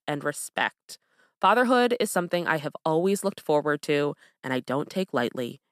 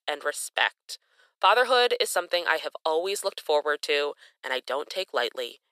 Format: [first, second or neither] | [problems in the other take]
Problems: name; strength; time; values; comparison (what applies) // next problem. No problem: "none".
first | thin; very; fading below 450 Hz